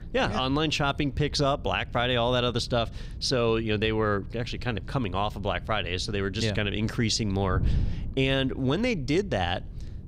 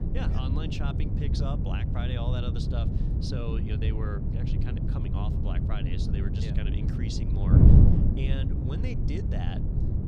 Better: first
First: wind noise on the microphone; occasional gusts; 25 dB below the speech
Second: wind noise on the microphone; heavy; 2 dB above the speech

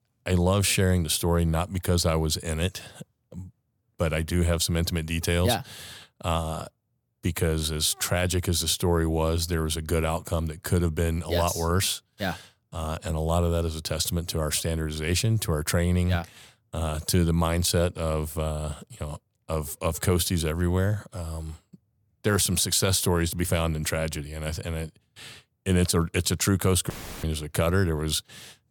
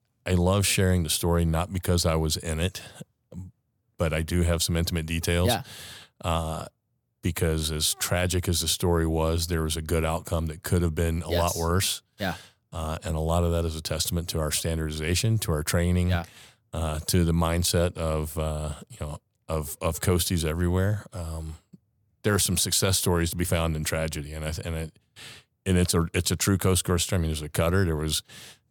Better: second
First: audio cutting out; filled with static; at 27 s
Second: none

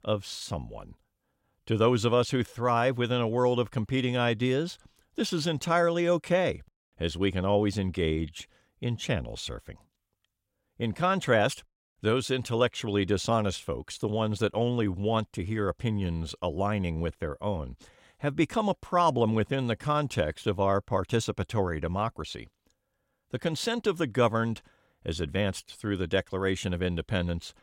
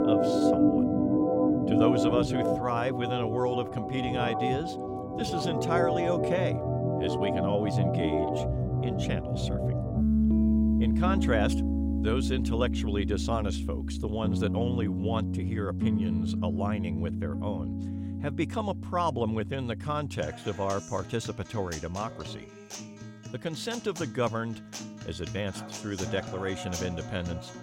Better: first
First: none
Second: background music; very loud; throughout; 3 dB above the speech

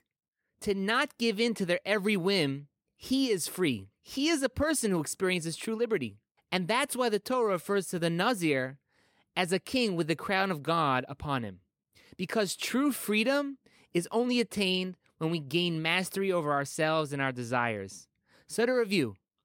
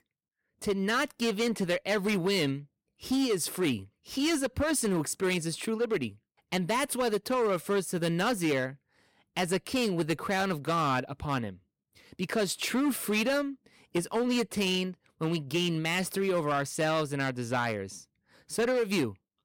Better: first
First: none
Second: distortion; slight; 9% of the sound clipped

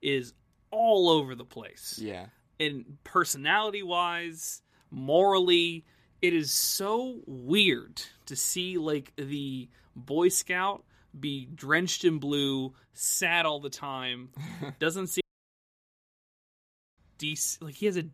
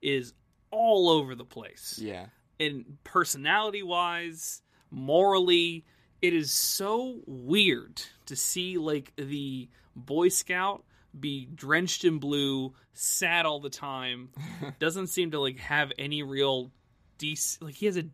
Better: second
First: audio cutting out; at 15 s for 2 s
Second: none

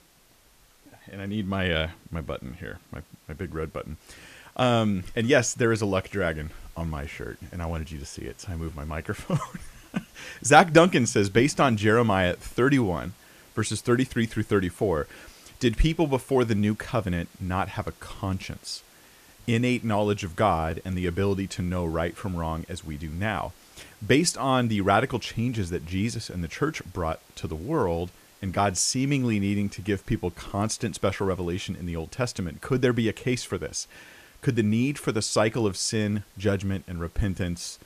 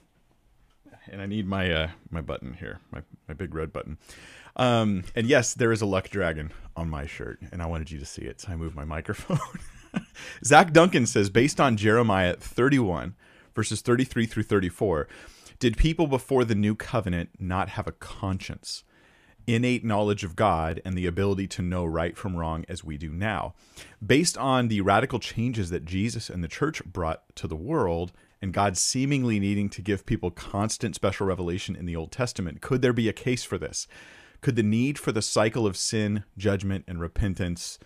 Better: second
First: hiss; faint; throughout; 30 dB below the speech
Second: none

